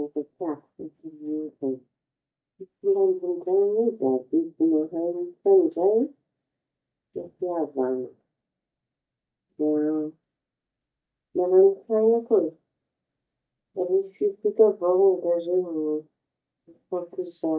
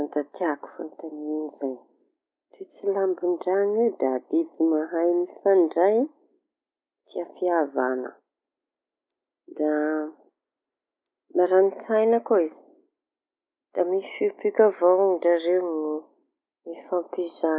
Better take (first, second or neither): second